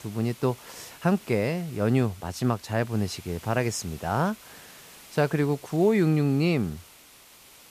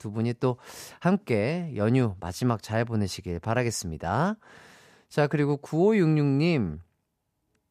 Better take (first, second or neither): second